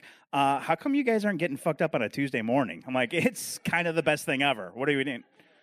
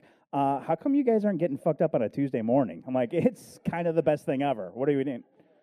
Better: first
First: none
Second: muffled; very; fading above 1 kHz

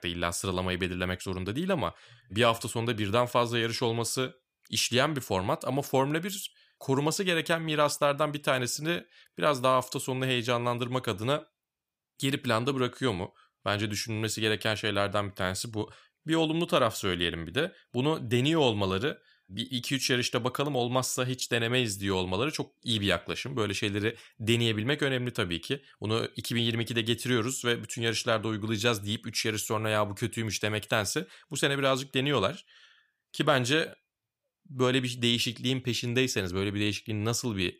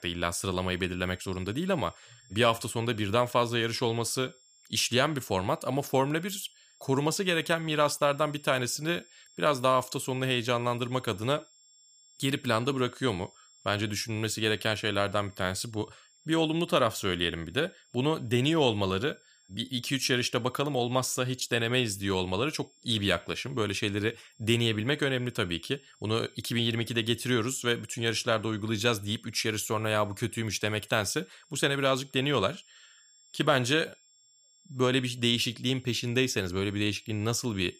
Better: first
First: none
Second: high-pitched whine; faint; throughout; 7.5 kHz, 30 dB below the speech

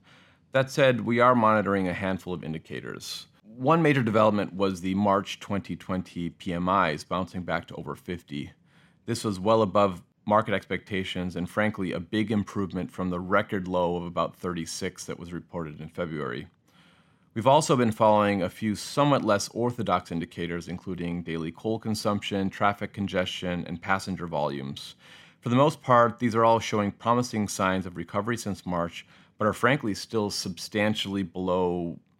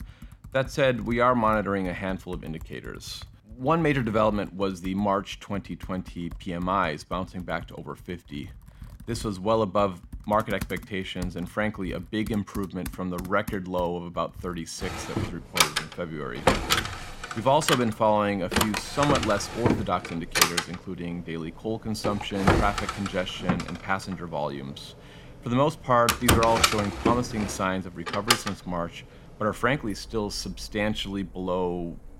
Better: first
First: none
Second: household noises; very loud; throughout; 1 dB above the speech

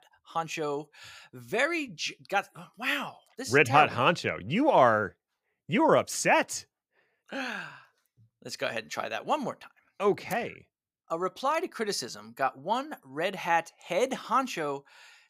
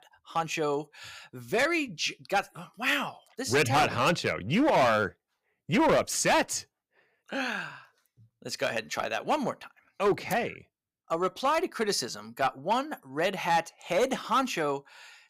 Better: first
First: none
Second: distortion; heavy; 5% of the sound clipped

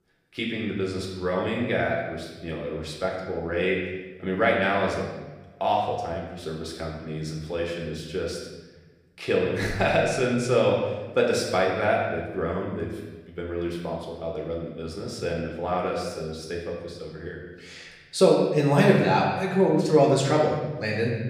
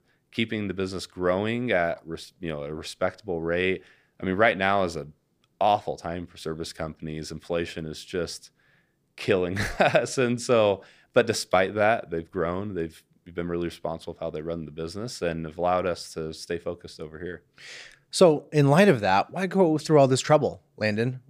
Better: second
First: room echo; noticeable; dies away in 1.1 s // off-mic speech; far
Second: none

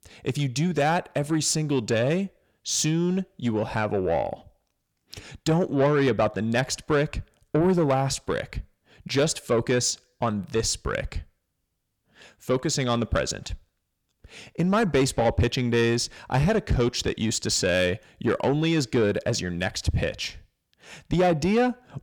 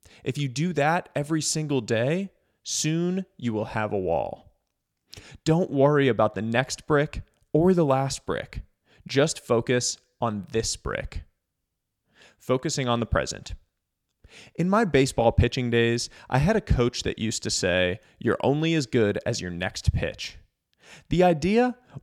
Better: second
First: distortion; slight; 10 dB below the speech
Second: none

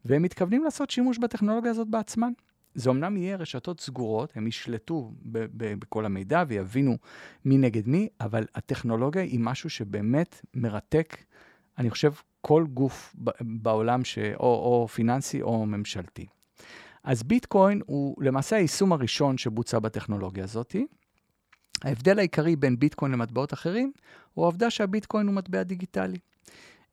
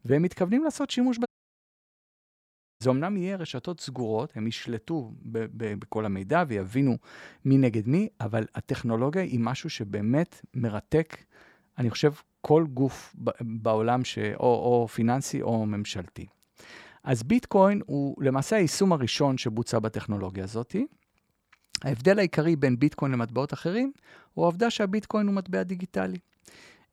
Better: first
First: none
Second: audio cutting out; at 1.5 s for 1.5 s

